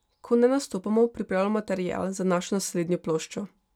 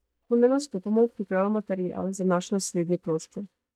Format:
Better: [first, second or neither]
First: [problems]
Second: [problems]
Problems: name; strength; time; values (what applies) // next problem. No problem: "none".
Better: first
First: none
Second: noise reduction (neural mask model DeepFilterNet 3)